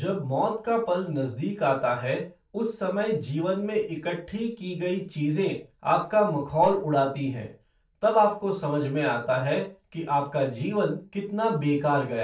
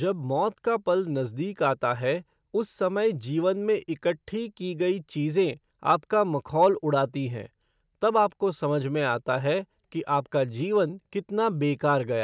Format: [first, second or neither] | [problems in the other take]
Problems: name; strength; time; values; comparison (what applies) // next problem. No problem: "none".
second | room echo; dies away in 0.3 s